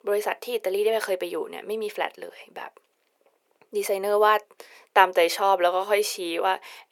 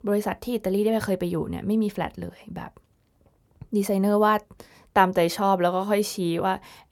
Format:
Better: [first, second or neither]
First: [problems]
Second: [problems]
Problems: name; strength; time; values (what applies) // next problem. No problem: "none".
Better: second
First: thin; very; fading below 400 Hz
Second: none